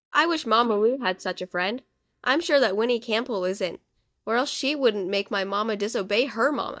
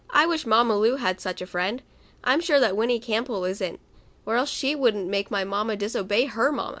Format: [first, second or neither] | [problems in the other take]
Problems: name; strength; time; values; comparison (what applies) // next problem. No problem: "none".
second | noise reduction (neural mask model DeepFilterNet 3)